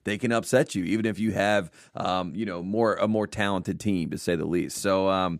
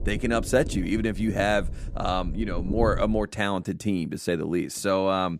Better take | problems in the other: first | low rumble; noticeable; until 3 s; 15 dB below the speech

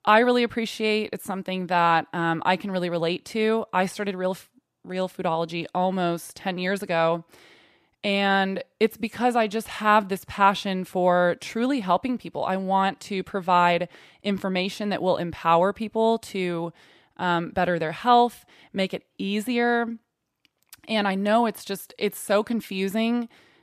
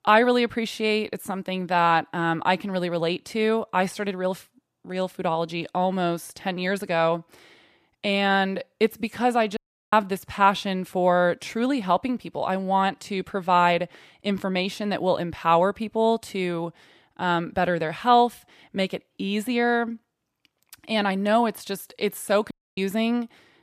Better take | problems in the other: first | audio cutting out; at 9.5 s and at 23 s

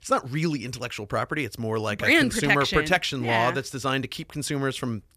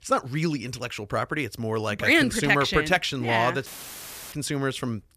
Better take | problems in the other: first | audio cutting out; filled with static; at 3.5 s for 0.5 s

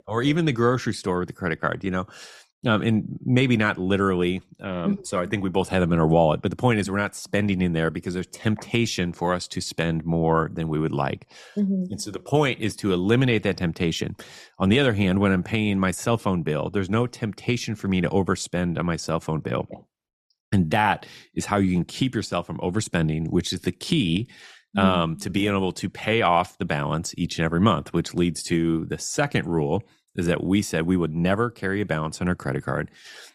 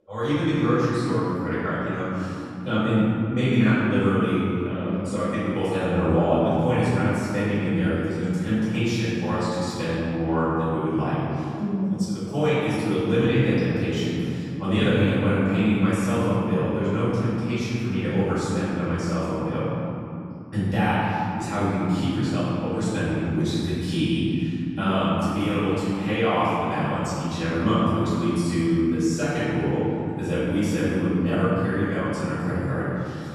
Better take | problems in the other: first | off-mic speech; far // room echo; strong; dies away in 3 s

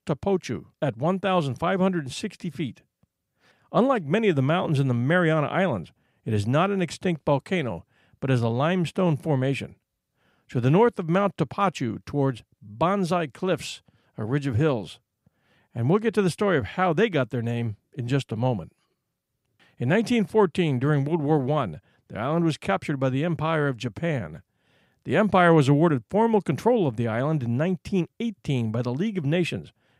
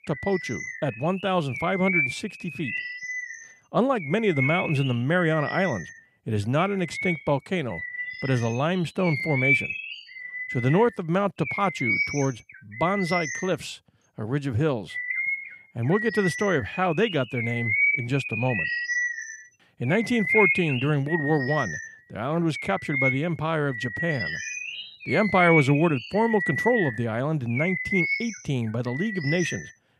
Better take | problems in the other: first | animal sounds; loud; throughout; 2 dB below the speech

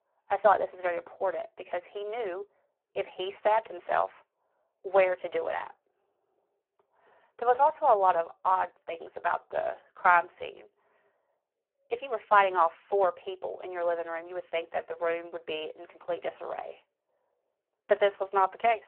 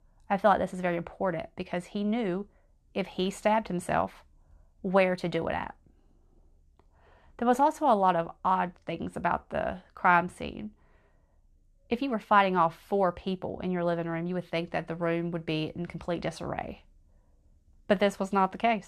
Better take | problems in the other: second | phone-call audio; poor line

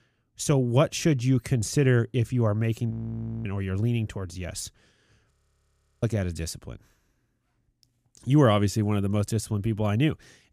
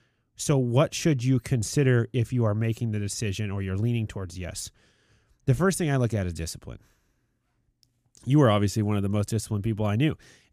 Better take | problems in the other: second | audio freezing; at 3 s for 0.5 s and at 5.5 s for 0.5 s

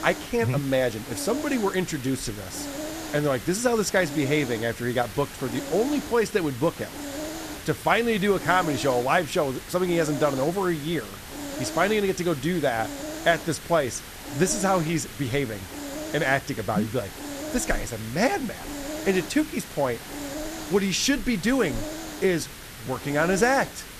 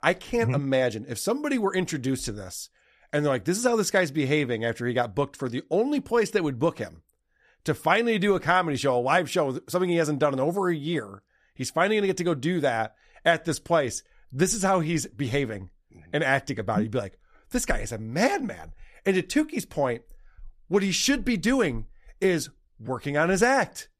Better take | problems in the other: second | hiss; noticeable; throughout; 10 dB below the speech

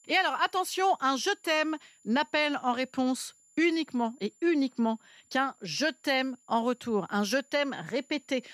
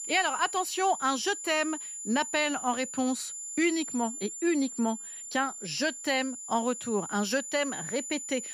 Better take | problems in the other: first | high-pitched whine; loud; throughout; 7 kHz, 7 dB below the speech; faint in the first

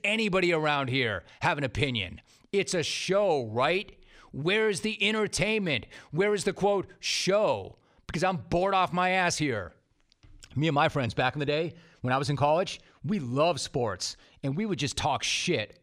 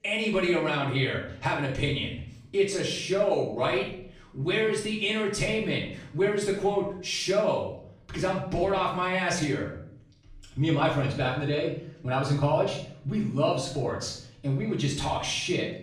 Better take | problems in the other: first | off-mic speech; far // room echo; noticeable; dies away in 0.6 s

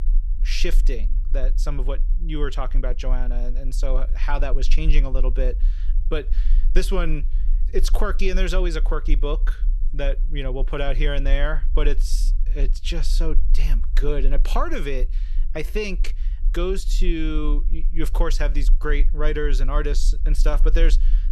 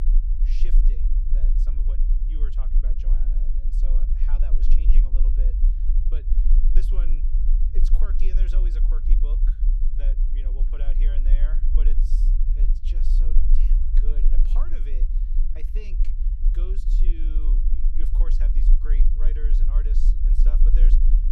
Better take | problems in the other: first | low rumble; loud; throughout; 1 dB below the speech; faint in the first

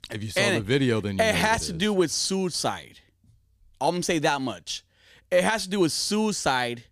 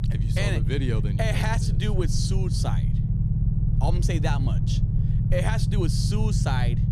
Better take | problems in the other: first | low rumble; loud; throughout; 5 dB below the speech

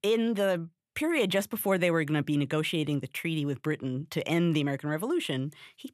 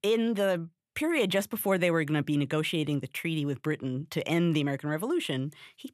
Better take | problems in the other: neither | none

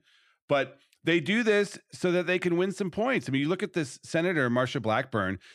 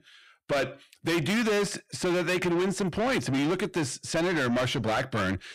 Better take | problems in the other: first | distortion; heavy; 6 dB below the speech

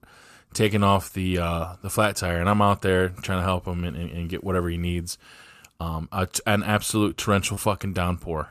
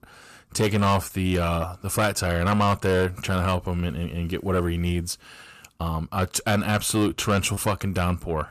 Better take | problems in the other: first | distortion; slight; 10 dB below the speech

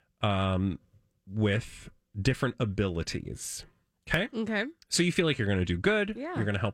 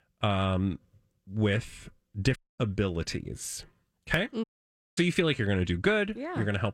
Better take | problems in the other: first | audio cutting out; at 2.5 s and at 4.5 s for 0.5 s

